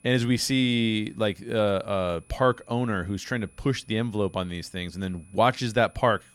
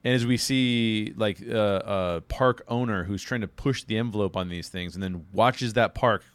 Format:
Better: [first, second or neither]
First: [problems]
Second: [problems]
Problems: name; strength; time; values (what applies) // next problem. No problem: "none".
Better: second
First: high-pitched whine; faint; throughout; 10 kHz, 30 dB below the speech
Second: none